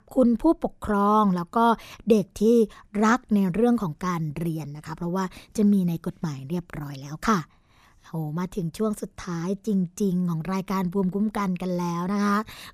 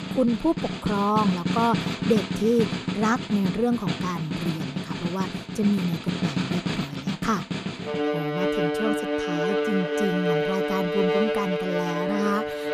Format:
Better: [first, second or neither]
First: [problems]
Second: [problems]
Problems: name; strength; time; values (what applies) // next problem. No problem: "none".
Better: first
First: none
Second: background music; loud; throughout; 1 dB below the speech